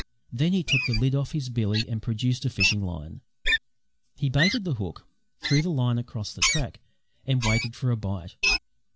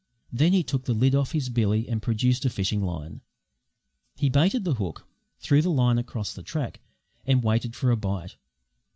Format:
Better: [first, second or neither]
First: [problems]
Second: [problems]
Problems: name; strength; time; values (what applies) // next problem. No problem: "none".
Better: second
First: background sound (Wild animals); 4 dB below the speech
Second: none